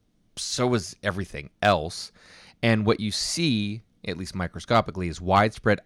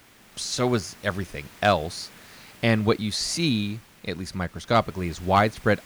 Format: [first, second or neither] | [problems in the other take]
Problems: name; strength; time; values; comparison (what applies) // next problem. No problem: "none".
first | hiss; faint; throughout; 25 dB below the speech